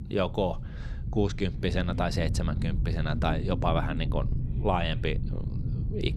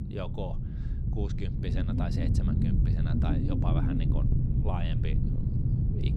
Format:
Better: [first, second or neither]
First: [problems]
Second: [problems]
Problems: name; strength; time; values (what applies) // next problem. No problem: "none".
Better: first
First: wind noise on the microphone; occasional gusts; 15 dB below the speech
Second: wind noise on the microphone; heavy; 2 dB above the speech